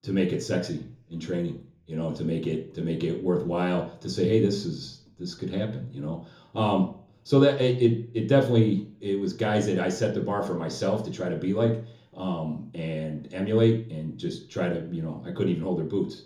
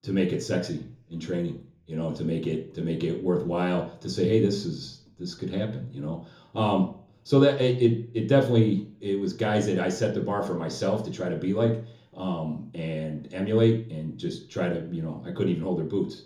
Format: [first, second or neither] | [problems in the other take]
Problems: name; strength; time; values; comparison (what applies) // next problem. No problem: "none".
neither | room echo; slight; dies away in 0.7 s; the same in both // off-mic speech; far; the same in both